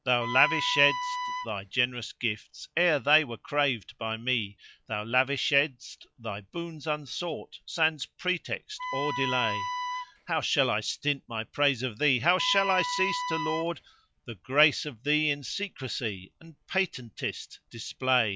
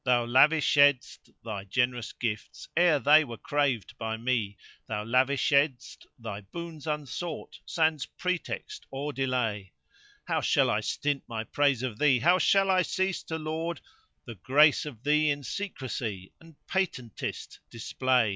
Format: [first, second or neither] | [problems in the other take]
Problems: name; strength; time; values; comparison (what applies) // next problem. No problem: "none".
second | background sound (Wind instrument, woodwind instrument); 4 dB below the speech